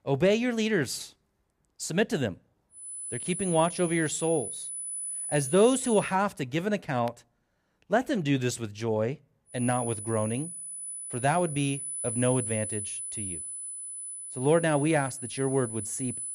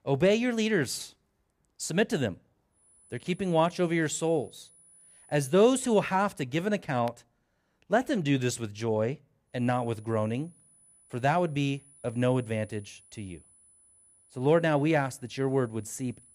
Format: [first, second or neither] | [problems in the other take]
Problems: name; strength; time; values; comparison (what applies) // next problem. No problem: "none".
second | high-pitched whine; loud; from 3 to 6 s and from 9.5 s on; 10 kHz, 6 dB below the speech; faint in the second